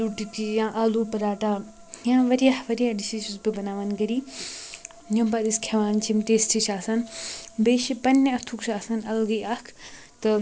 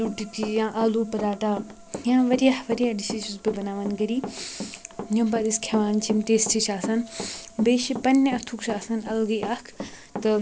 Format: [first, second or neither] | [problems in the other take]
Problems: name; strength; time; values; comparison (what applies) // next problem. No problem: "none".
first | background sound (Run); 13 dB below the speech